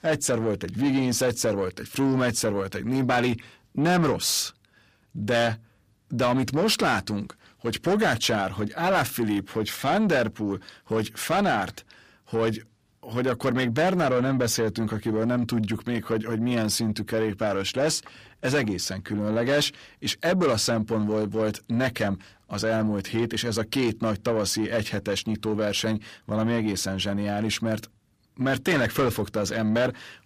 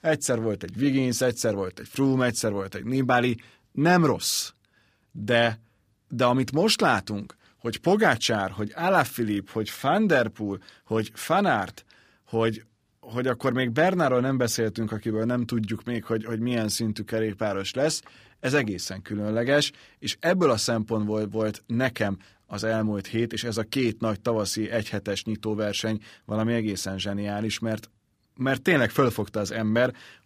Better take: second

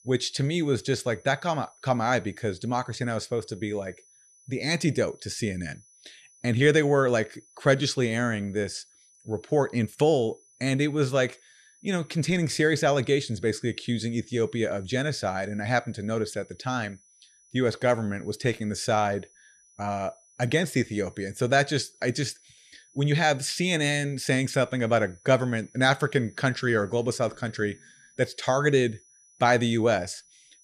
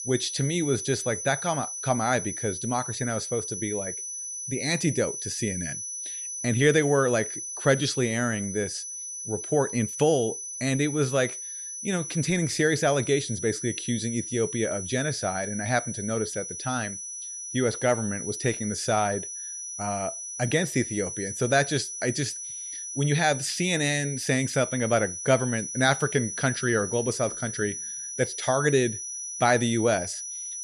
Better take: first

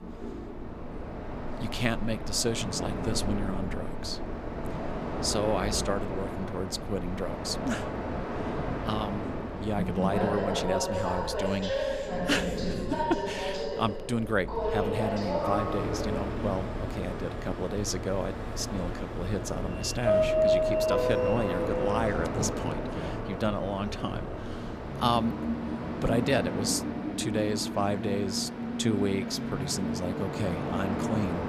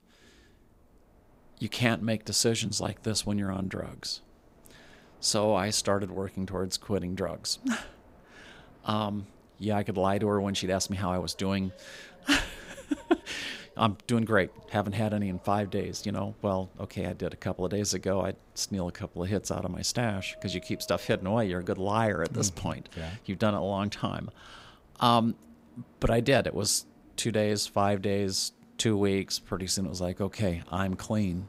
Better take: second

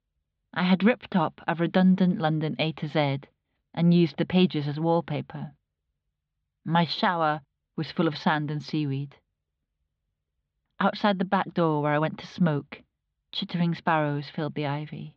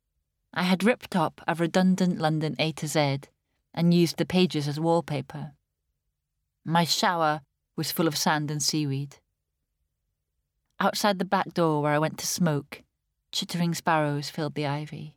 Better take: second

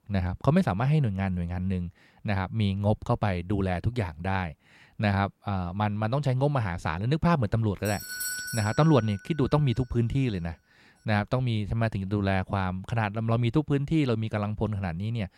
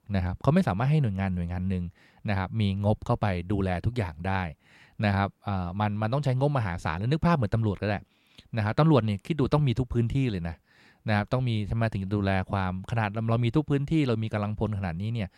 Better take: second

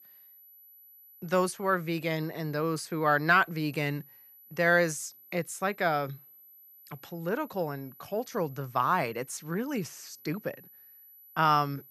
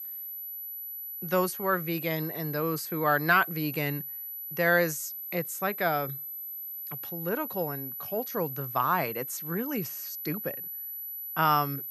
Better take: first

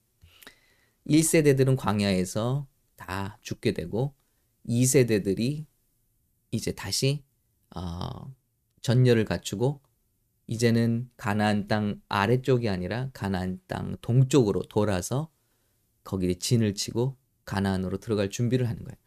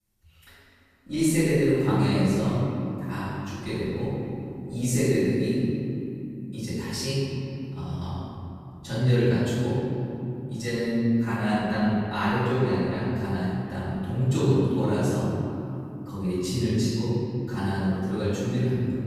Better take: first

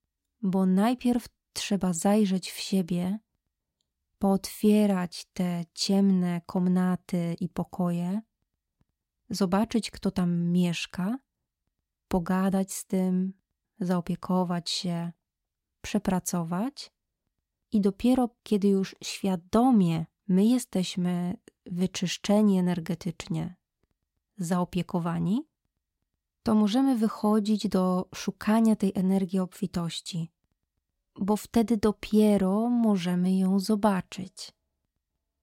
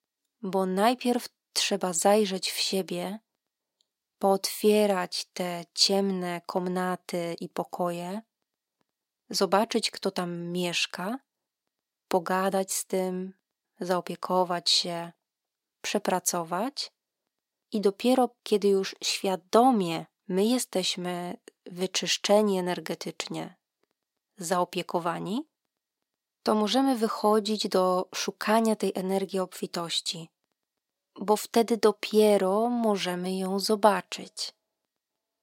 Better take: first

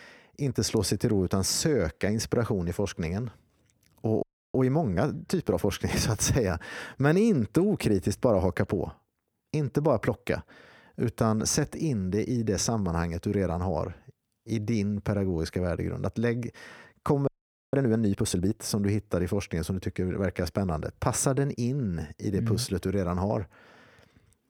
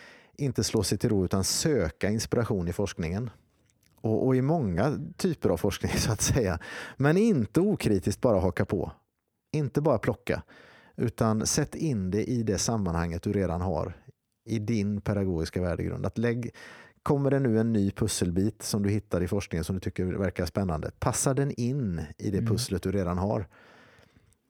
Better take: second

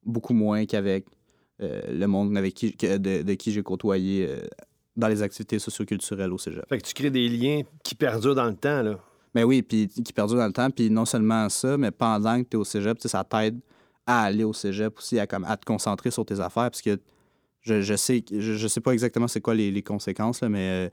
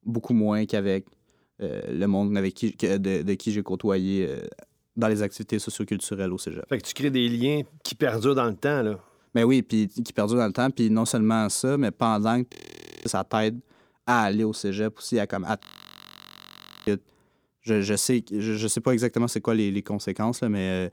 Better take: first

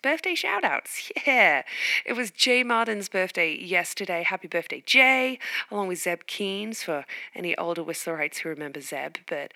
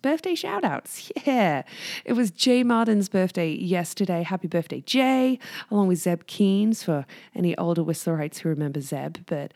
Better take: second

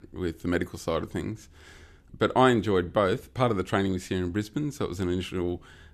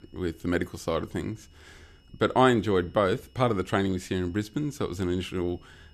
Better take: first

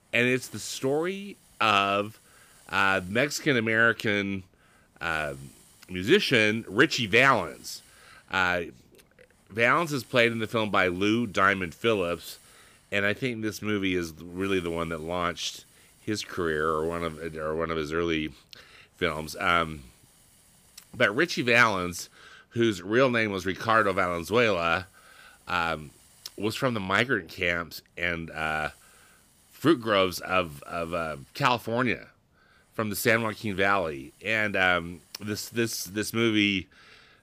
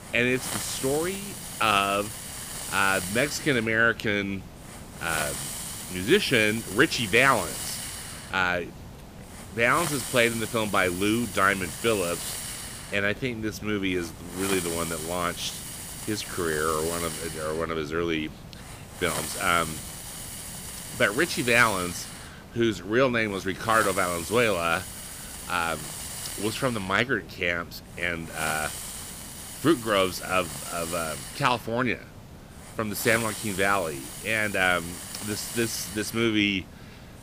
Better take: first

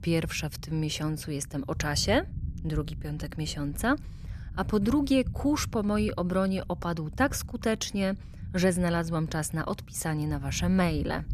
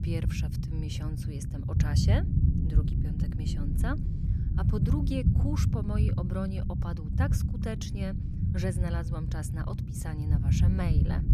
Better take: first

